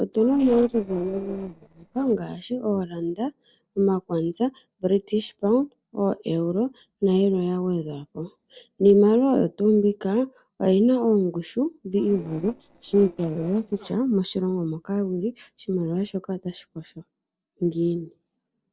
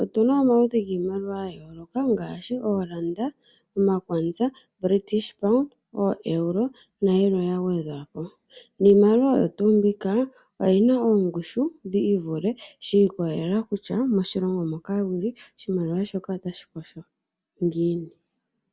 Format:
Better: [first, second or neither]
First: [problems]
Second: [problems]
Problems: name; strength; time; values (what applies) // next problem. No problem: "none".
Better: second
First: noise reduction (neural separator model SepFormer DNS4)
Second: none